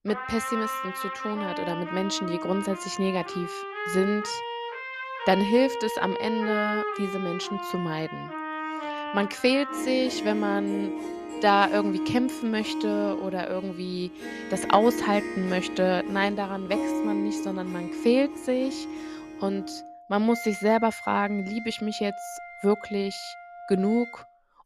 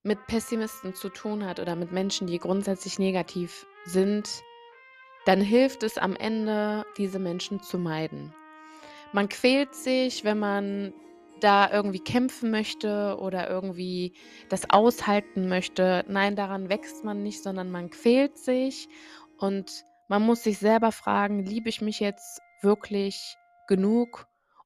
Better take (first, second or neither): second